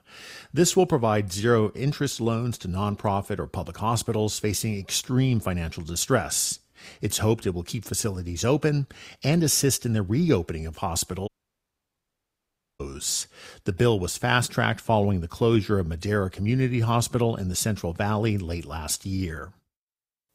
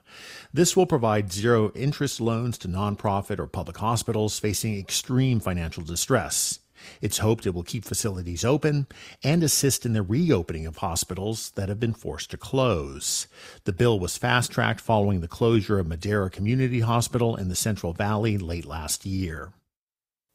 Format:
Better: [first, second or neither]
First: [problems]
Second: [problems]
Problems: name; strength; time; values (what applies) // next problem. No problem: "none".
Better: second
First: audio cutting out; at 11 s for 1.5 s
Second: none